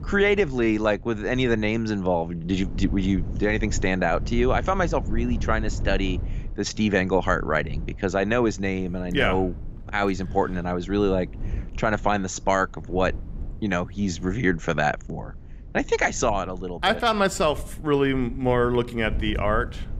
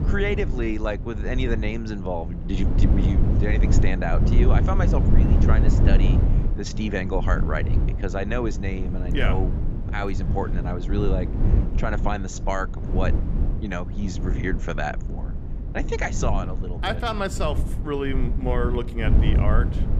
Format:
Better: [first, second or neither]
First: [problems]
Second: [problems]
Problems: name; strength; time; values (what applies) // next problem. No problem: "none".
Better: first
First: low rumble; faint; throughout; 25 dB below the speech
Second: low rumble; loud; throughout; 7 dB below the speech